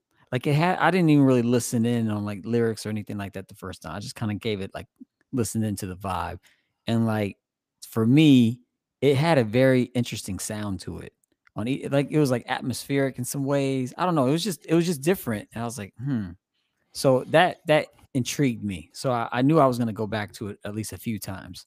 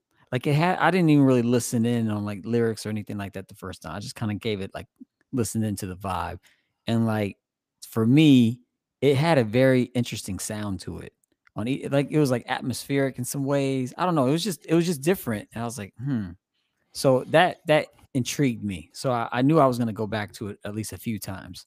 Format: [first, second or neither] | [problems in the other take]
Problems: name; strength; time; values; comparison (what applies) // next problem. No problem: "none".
neither | none